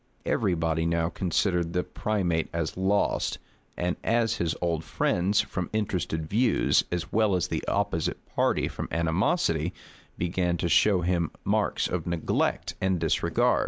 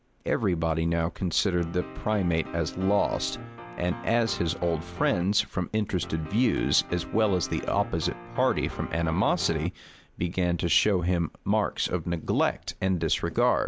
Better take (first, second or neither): first